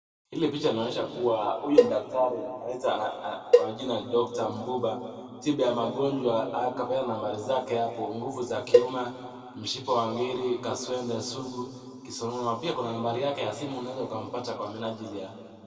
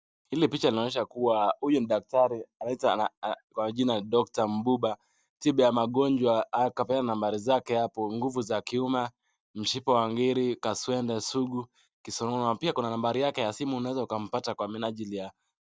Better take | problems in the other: second | background sound (Cowbell); 2 dB above the speech // room echo; dies away in 2.2 s

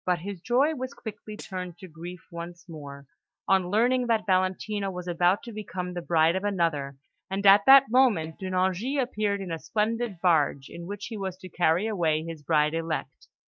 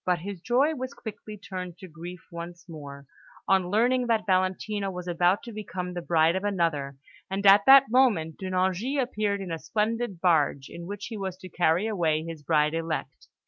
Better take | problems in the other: second | noise reduction (neural mask model DeepFilterNet 3)

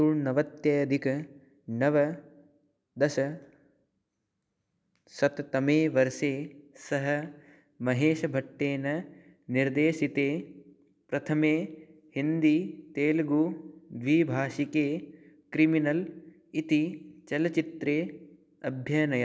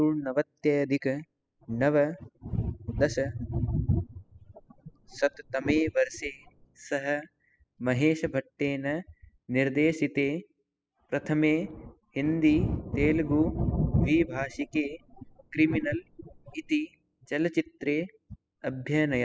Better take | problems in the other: first | noise reduction (classical method spectral subtraction)

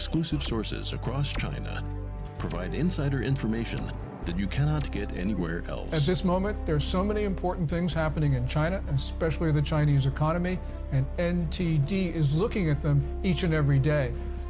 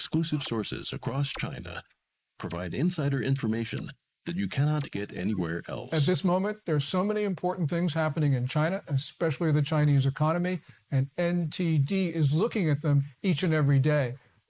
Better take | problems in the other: first | noise reduction (neural mask model Resemble Enhance denoiser)

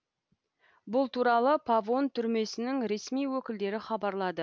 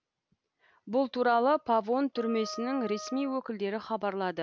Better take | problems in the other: first | background sound (Wind instrument, woodwind instrument); 15 dB below the speech

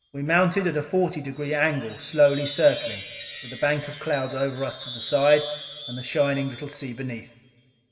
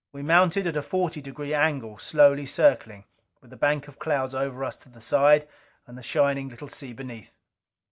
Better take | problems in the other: second | background sound (Wind chime); 15 dB below the speech // room echo; dies away in 1.4 s

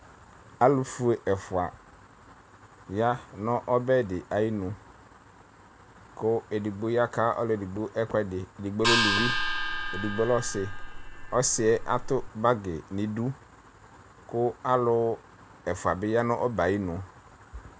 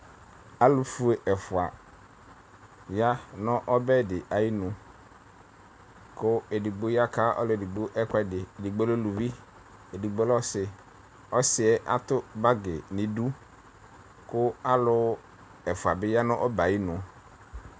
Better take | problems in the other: second | background sound (Gong); 1 dB below the speech

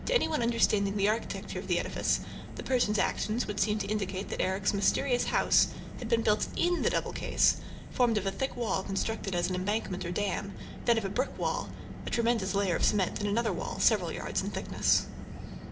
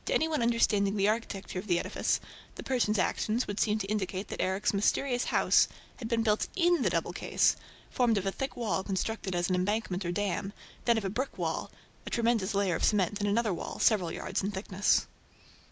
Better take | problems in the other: second | background sound (Car); 9 dB below the speech // room echo; dies away in 0.4 s

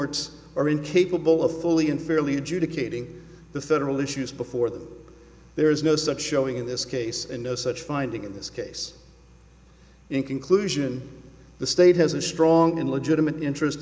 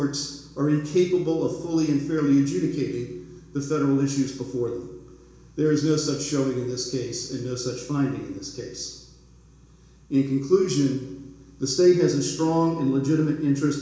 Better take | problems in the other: first | room echo; dies away in 0.7 s

